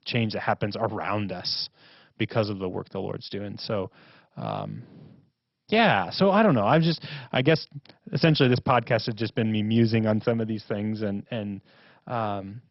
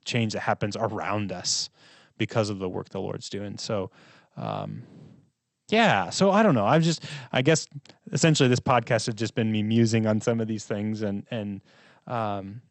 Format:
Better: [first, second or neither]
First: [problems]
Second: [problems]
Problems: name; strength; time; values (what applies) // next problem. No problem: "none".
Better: second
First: garbled, watery; badly; nothing above 5.5 kHz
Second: garbled, watery; slightly; nothing above 8 kHz